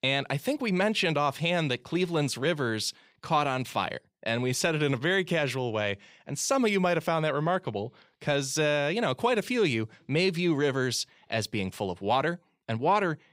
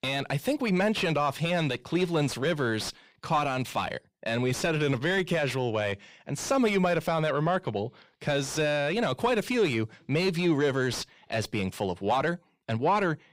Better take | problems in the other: first | distortion; slight; 10 dB below the speech

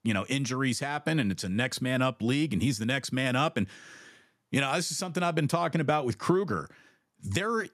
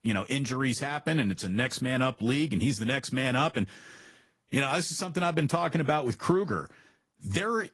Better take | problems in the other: first | garbled, watery; slightly; nothing above 11 kHz

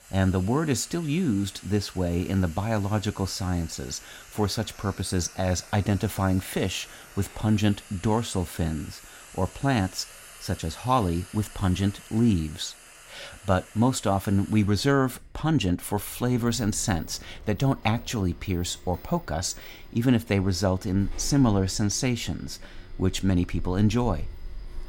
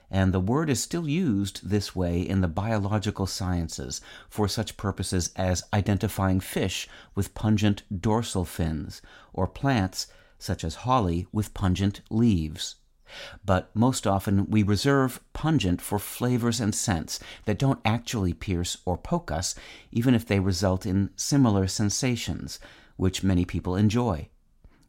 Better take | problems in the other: second | household noises; noticeable; throughout; 20 dB below the speech

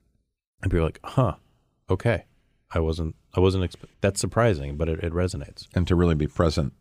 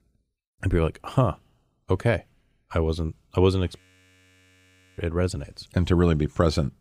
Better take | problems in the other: first | audio freezing; at 4 s for 1 s

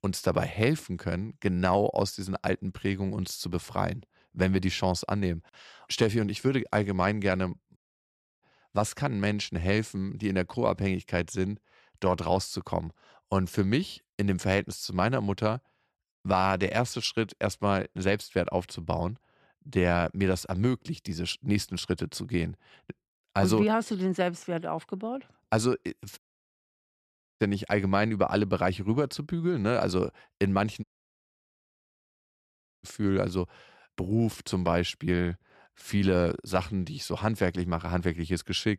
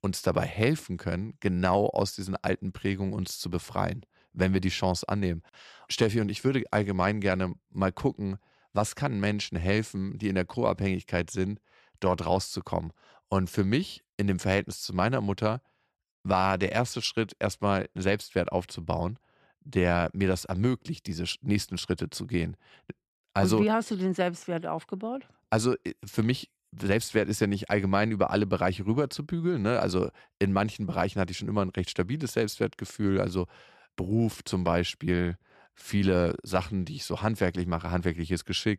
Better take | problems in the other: second | audio cutting out; at 8 s for 0.5 s, at 26 s for 1 s and at 31 s for 2 s

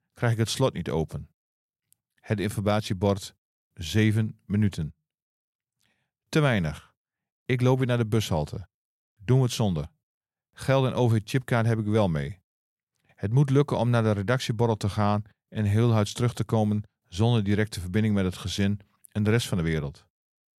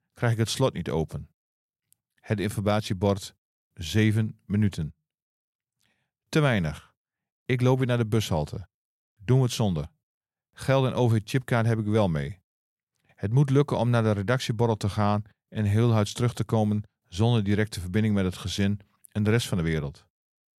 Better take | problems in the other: neither | none

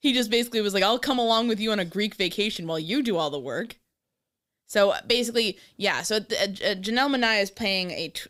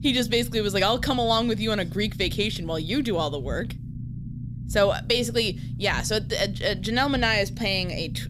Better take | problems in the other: first | low rumble; faint; throughout; 20 dB below the speech

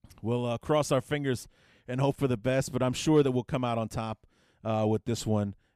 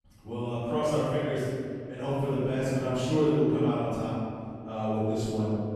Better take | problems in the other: first | off-mic speech; far // room echo; strong; dies away in 2.1 s

